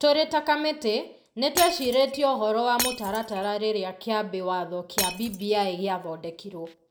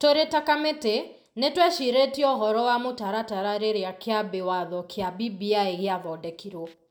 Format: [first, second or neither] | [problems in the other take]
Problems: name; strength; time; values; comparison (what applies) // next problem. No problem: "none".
second | background sound (Shatter); 7 dB below the speech